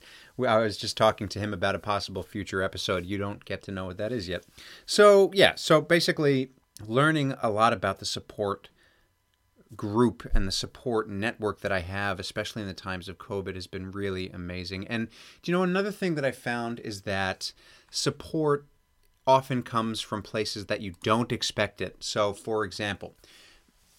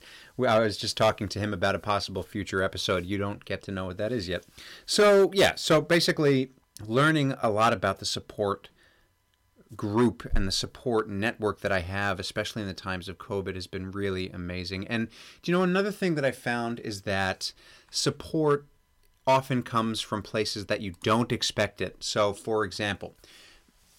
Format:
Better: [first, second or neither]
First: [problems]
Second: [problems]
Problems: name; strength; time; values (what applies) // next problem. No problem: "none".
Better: first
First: none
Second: distortion; slight; 1.8% of the sound clipped